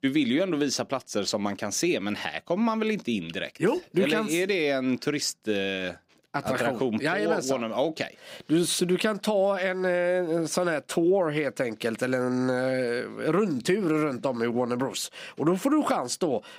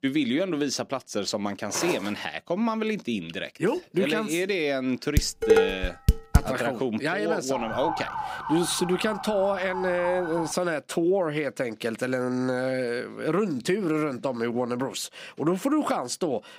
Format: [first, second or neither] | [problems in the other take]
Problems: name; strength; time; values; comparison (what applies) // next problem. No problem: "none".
first | footsteps; noticeable; at 1.5 s; peak 5 dB below the speech // clattering dishes; loud; from 5 to 6.5 s; peak 6 dB above the speech // siren; noticeable; from 7.5 to 11 s; peak 3 dB below the speech